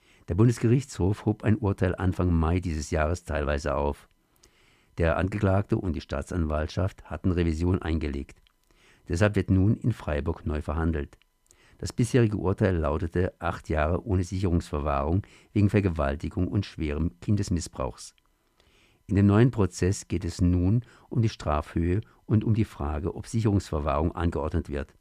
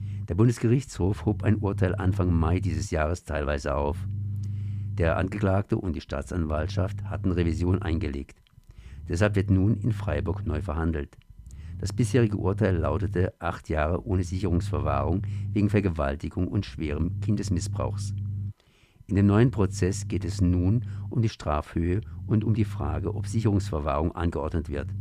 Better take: first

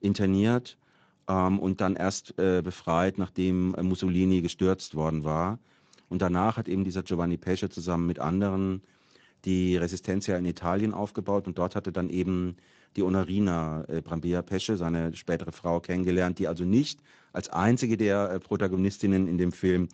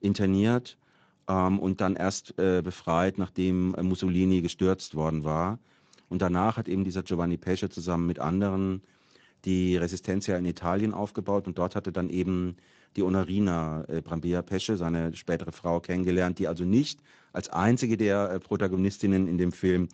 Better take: neither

